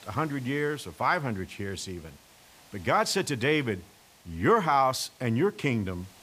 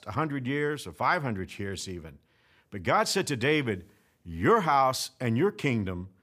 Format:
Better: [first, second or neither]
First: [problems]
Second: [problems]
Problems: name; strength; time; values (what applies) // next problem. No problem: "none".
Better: second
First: hiss; faint; throughout; 25 dB below the speech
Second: none